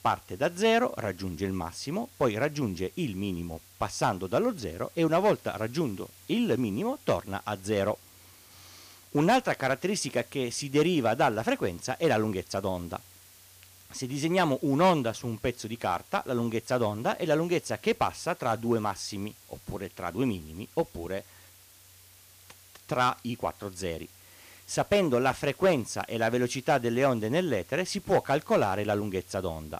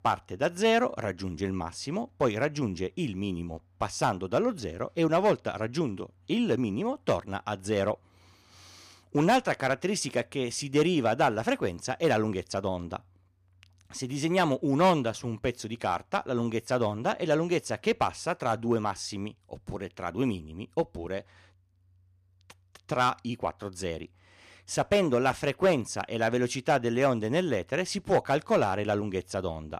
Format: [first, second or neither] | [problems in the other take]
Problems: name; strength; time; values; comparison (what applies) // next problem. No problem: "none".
second | hiss; faint; throughout; 25 dB below the speech